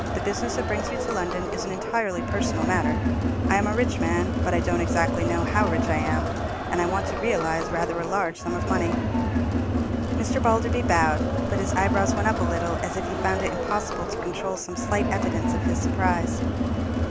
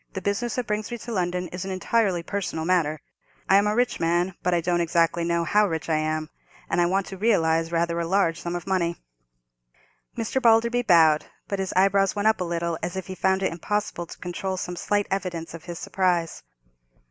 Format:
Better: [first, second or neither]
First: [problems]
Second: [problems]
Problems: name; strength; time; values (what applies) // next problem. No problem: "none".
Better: second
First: background sound (Crowd); 2 dB above the speech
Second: none